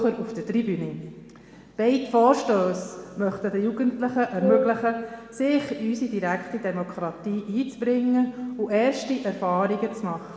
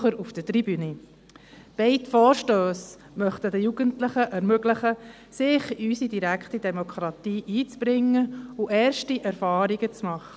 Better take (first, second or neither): second